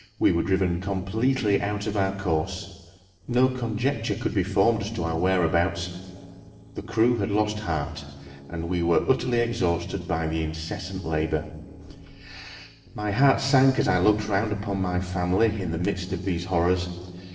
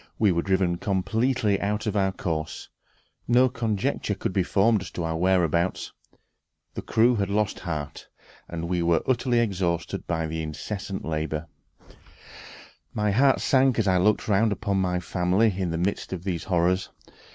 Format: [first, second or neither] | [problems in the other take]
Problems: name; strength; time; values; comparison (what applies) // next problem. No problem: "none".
second | noise reduction (neural separator model SepFormer DNS4)